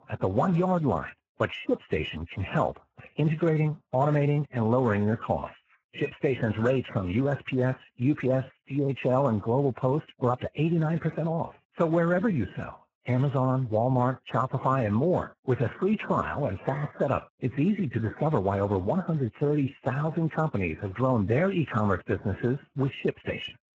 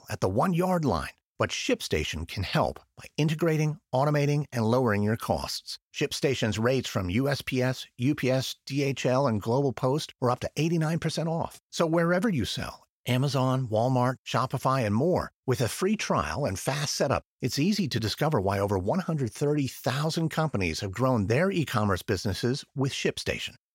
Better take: second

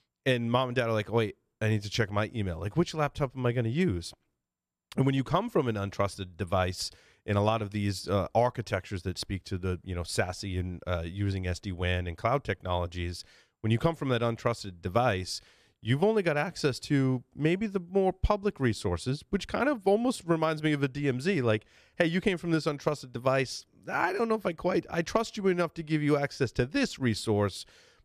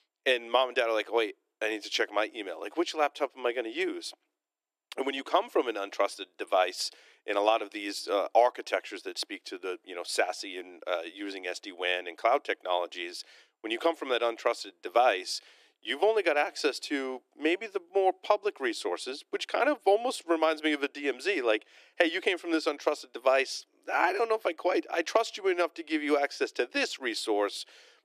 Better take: first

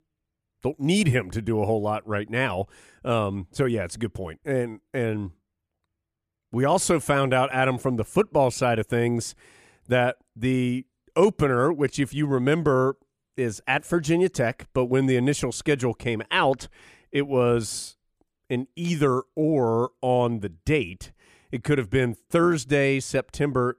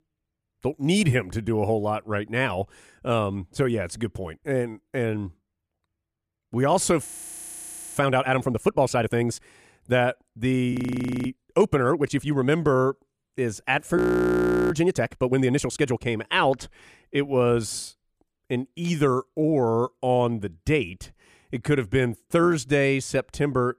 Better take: first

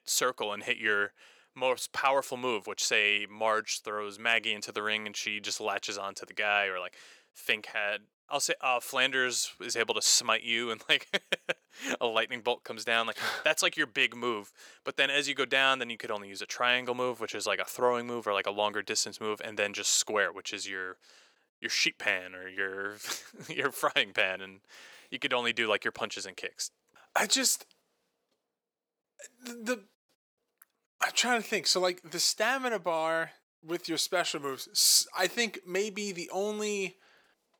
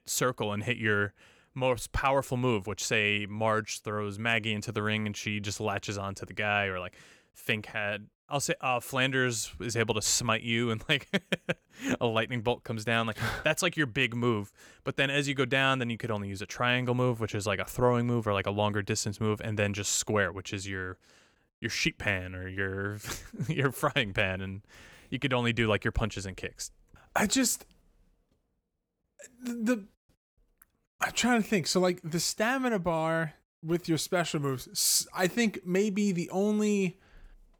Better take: second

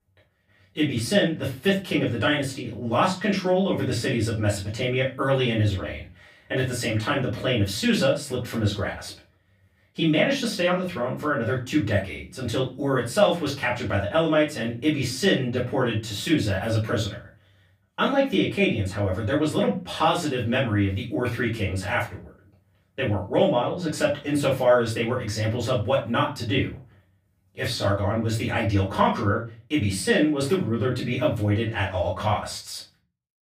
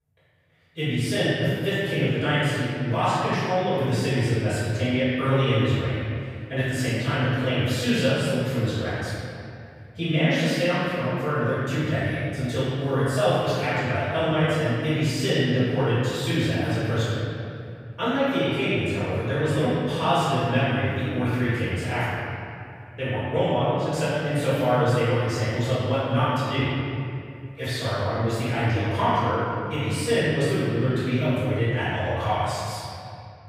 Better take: first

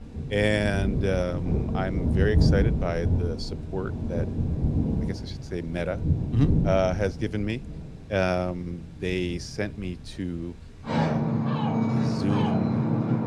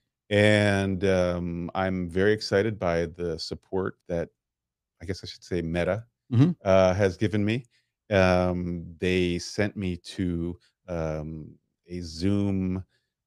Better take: second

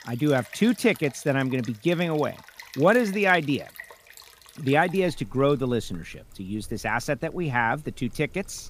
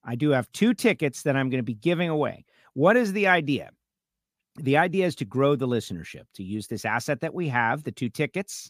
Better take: second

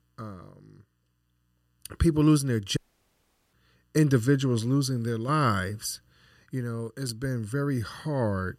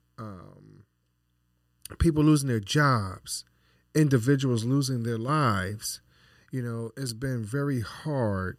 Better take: second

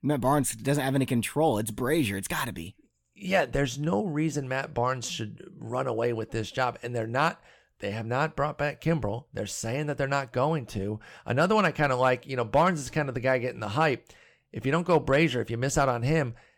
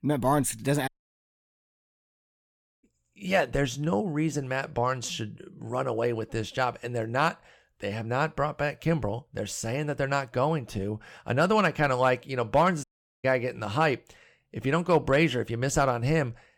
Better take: first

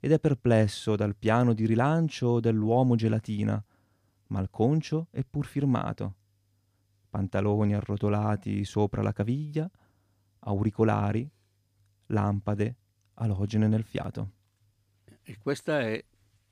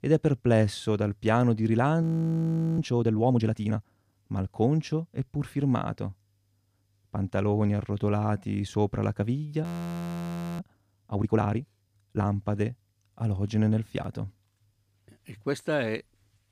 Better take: first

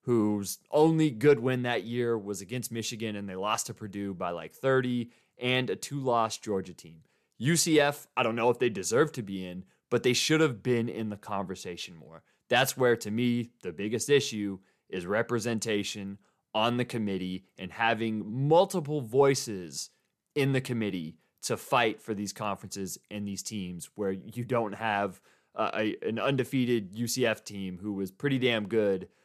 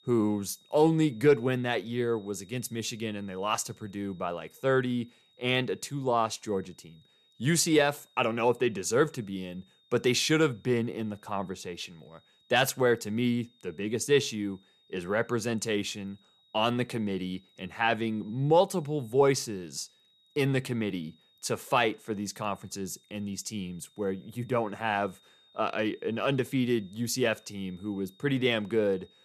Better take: first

